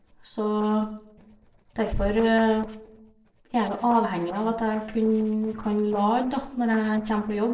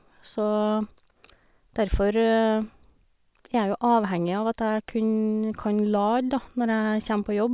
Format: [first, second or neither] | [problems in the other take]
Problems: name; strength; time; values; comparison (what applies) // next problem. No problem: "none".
second | noise reduction (neural separator model SepFormer DNS4)